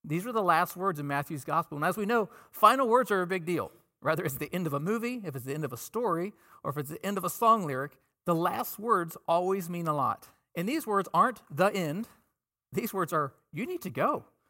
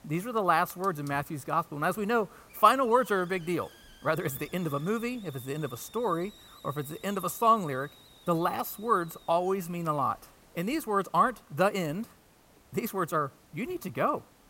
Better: first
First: none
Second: hiss; faint; throughout; 25 dB below the speech

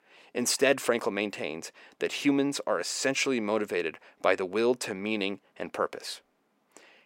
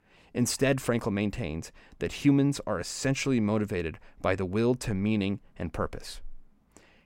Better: second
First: thin; somewhat; fading below 400 Hz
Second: none

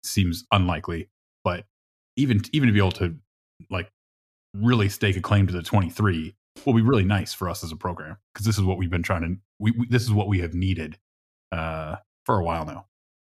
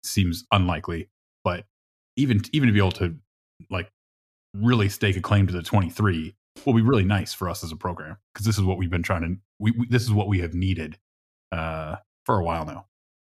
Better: neither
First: none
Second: none

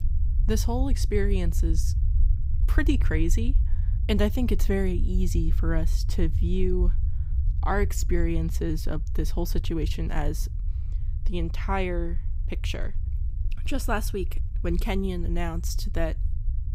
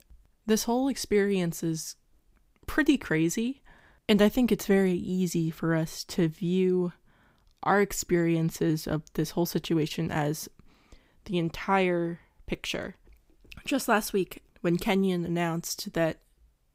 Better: second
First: low rumble; noticeable; throughout; 15 dB below the speech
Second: none

